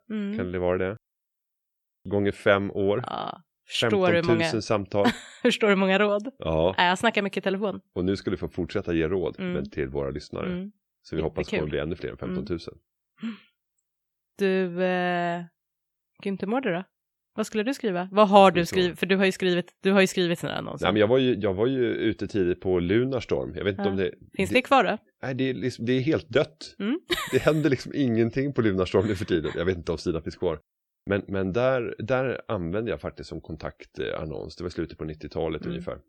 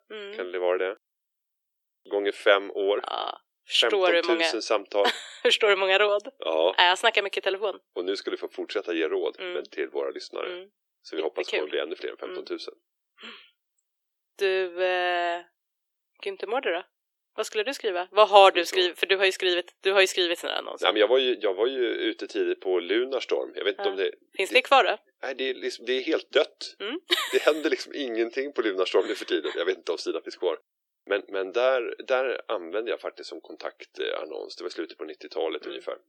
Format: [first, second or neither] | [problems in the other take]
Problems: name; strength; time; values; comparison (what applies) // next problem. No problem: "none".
first | thin; very; fading below 350 Hz